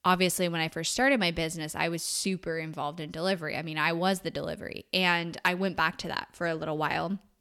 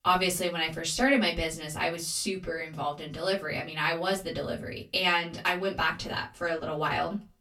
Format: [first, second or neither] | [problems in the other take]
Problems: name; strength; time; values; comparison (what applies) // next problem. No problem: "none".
first | off-mic speech; far // room echo; very slight; dies away in 0.2 s